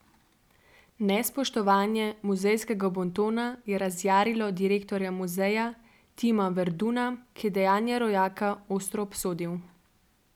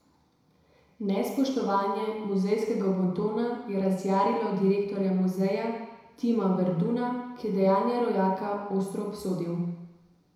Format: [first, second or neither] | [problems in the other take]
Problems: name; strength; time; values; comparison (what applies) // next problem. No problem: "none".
first | room echo; dies away in 1 s